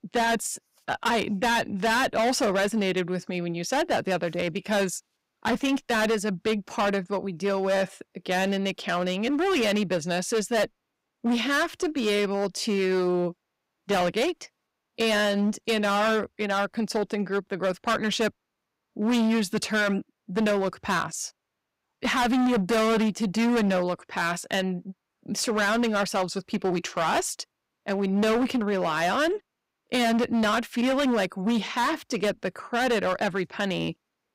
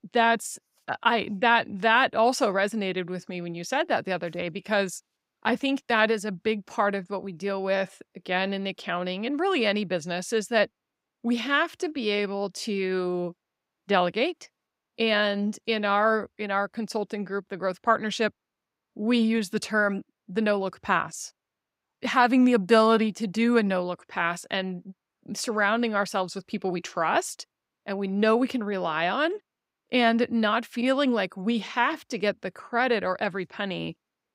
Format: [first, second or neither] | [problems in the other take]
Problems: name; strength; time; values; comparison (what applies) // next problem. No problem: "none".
second | distortion; heavy; 16% of the sound clipped